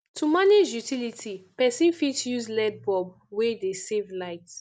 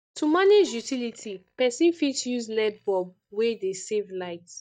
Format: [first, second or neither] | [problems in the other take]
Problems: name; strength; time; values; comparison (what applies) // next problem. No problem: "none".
first | noise reduction (neural mask model DeepFilterNet 3)